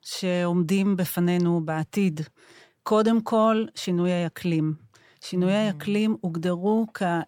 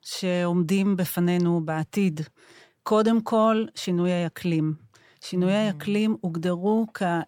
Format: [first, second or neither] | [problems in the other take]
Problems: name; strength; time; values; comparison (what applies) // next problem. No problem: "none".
neither | none